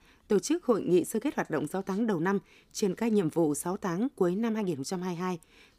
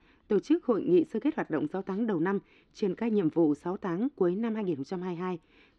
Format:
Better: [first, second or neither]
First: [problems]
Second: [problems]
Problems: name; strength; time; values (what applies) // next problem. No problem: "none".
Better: first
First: none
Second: muffled; slightly; fading above 3.5 kHz